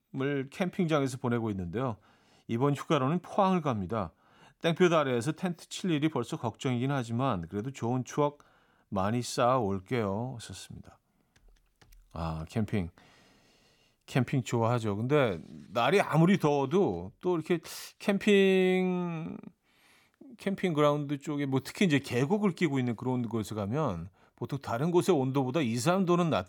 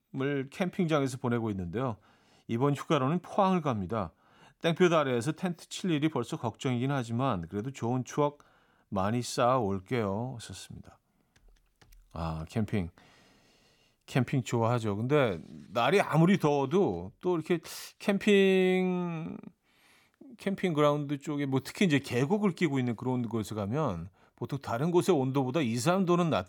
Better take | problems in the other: neither | none

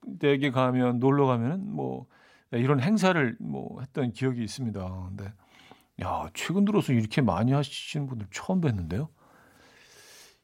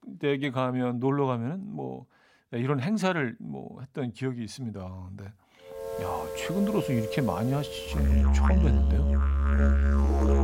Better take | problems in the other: first | background music; very loud; from 6 s on; 4 dB above the speech

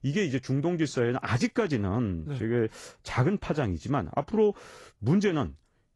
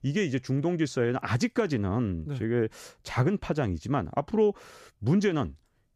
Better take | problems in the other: second | garbled, watery; slightly; nothing above 11.5 kHz

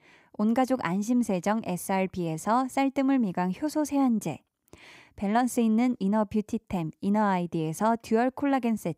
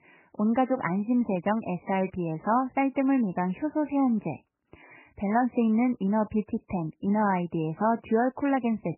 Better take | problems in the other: first | garbled, watery; badly; nothing above 3 kHz

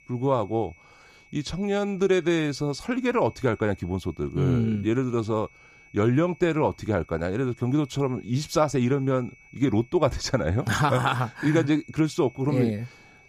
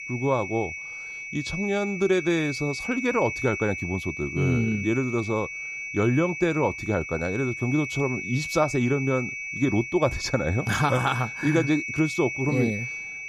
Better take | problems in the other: first | high-pitched whine; loud; throughout; 2 kHz, 6 dB below the speech; faint in the first

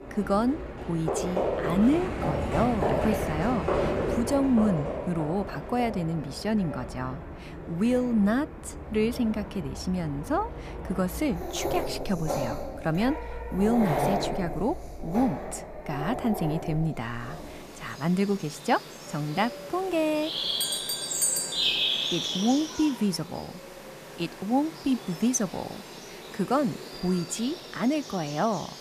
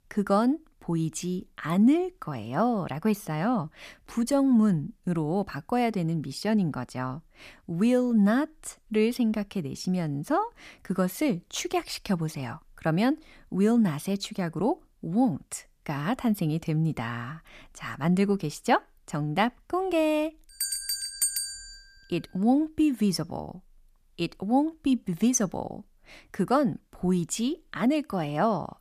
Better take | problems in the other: second | animal sounds; loud; throughout; 4 dB below the speech

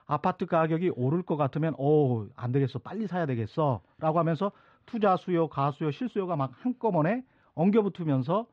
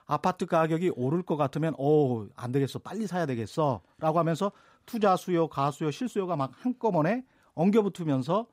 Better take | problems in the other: second | muffled; slightly; fading above 3.5 kHz

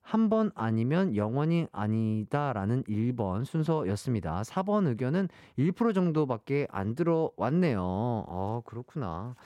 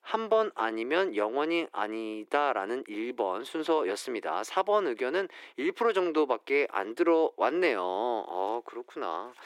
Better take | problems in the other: first | thin; very; fading below 350 Hz

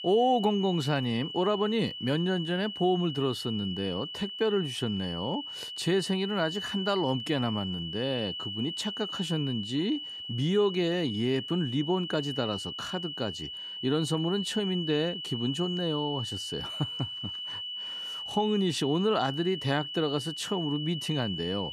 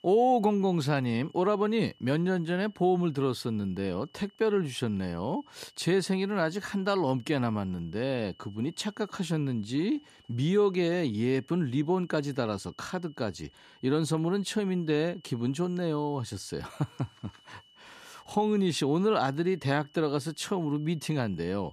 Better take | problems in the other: second | high-pitched whine; loud; throughout; 3 kHz, 6 dB below the speech; faint in the second

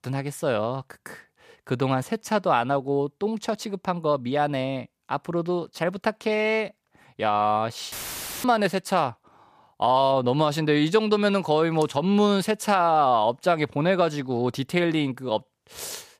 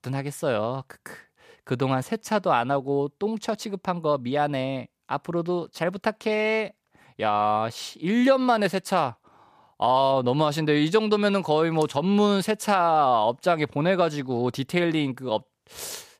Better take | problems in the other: second | audio cutting out; filled with static; at 8 s for 0.5 s

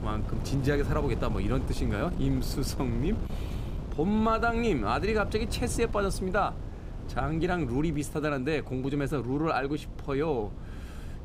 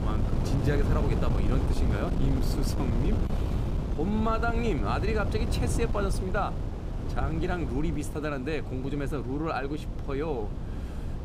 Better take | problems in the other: first | wind noise on the microphone; heavy; 6 dB below the speech; occasional gusts in the first

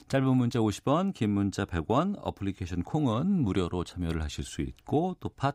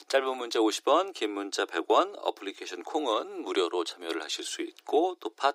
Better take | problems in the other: first | thin; very; fading below 350 Hz

